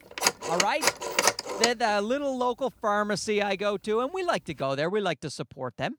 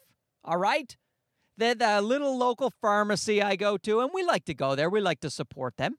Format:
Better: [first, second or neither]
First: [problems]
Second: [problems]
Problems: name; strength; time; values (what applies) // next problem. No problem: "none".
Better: second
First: phone ringing; loud; until 1.5 s; peak 4 dB above the speech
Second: none